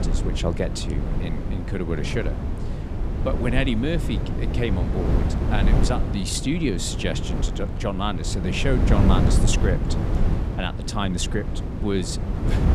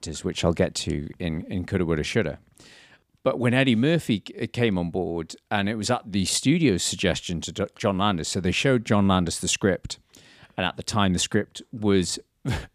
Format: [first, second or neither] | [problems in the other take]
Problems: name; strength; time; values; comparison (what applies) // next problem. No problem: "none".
second | wind noise on the microphone; heavy; 5 dB below the speech